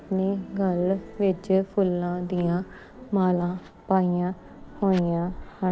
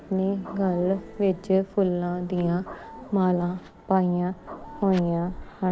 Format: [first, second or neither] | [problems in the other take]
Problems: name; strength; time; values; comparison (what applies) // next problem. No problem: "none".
first | background sound (Printer / Engine); 20 dB below the speech